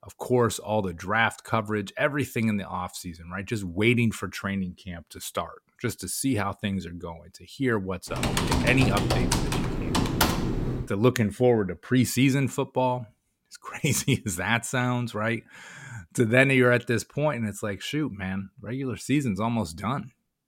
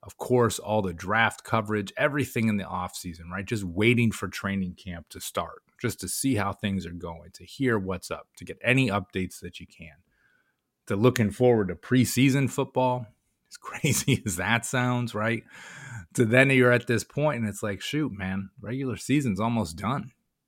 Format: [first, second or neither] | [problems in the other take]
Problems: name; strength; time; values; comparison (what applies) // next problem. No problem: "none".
second | keyboard typing; loud; from 8 to 11 s; peak 3 dB above the speech